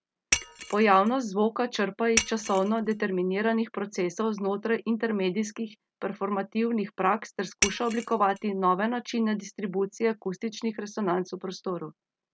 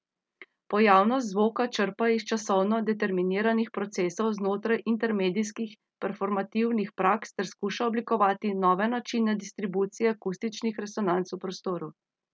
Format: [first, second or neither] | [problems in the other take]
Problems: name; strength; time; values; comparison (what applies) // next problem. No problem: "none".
second | background sound (Shatter); 6 dB below the speech